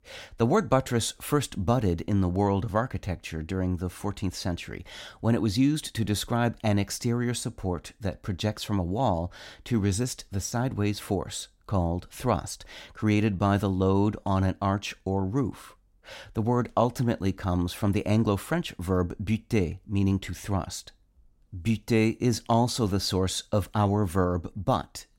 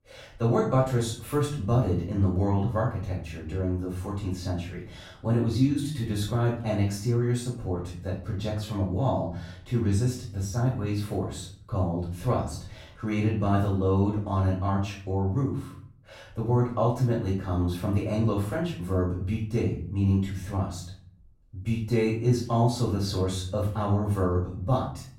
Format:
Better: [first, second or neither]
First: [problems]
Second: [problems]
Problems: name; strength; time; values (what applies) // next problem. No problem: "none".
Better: first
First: none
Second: off-mic speech; far // room echo; noticeable; dies away in 0.5 s